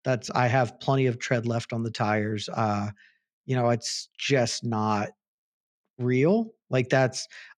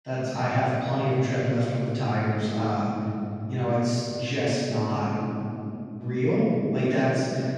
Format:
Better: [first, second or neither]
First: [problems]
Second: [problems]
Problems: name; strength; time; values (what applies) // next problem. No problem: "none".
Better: first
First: none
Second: off-mic speech; far // room echo; strong; dies away in 3 s